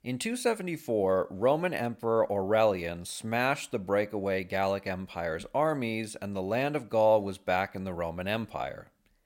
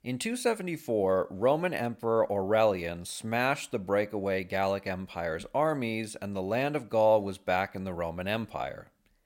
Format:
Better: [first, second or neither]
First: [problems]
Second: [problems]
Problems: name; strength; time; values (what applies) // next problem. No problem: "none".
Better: neither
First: none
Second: none